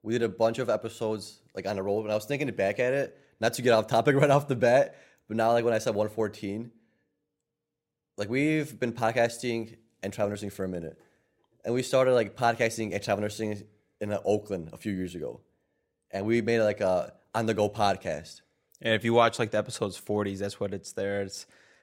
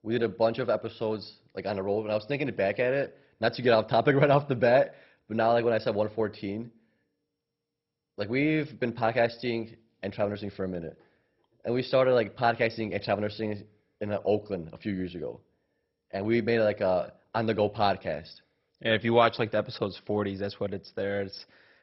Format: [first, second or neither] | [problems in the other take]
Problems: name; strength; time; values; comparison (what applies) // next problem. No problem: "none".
first | garbled, watery; badly; nothing above 5.5 kHz